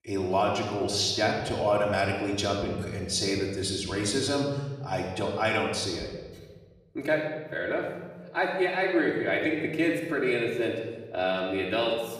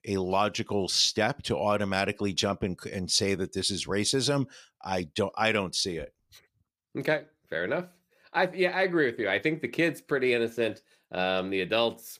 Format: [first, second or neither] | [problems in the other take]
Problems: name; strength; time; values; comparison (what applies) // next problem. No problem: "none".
second | off-mic speech; far // room echo; noticeable; dies away in 1.2 s